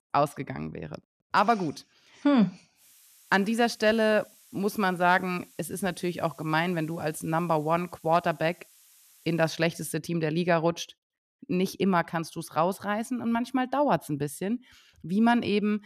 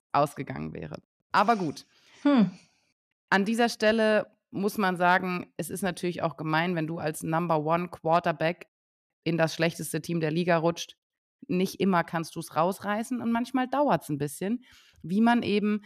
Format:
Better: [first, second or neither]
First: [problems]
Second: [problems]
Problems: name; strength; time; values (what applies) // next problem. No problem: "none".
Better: second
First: hiss; faint; from 3 to 9.5 s; 25 dB below the speech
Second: none